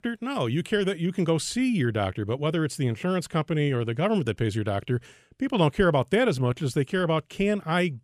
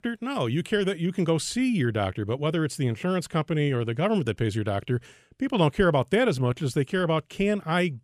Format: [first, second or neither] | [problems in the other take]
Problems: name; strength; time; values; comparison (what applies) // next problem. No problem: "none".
neither | none